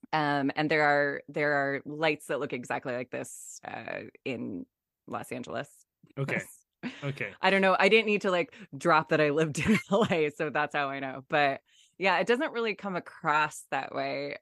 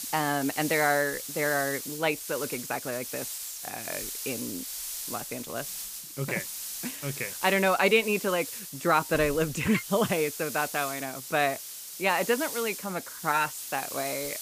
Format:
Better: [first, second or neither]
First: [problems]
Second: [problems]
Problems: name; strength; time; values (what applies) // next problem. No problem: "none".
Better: first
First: none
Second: hiss; loud; throughout; 7 dB below the speech